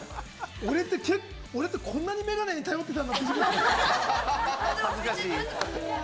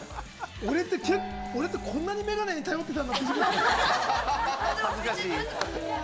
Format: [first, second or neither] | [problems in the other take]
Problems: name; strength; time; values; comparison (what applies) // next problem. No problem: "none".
first | background sound (Gong); 10 dB below the speech